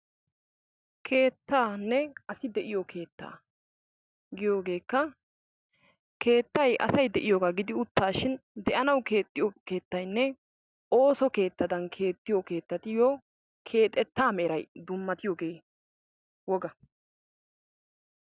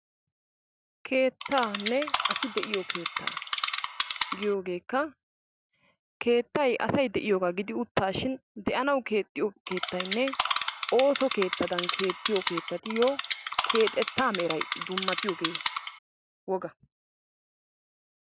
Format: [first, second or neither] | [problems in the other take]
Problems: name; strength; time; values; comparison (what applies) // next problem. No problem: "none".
first | background sound (Insect); 2 dB below the speech